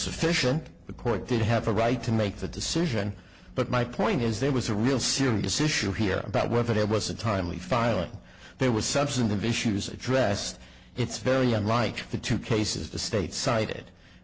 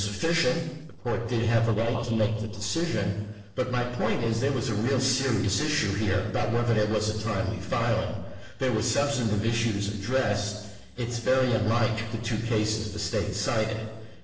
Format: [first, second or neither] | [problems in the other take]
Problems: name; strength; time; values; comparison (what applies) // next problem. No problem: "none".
first | noise reduction (neural separator model SepFormer DNS4)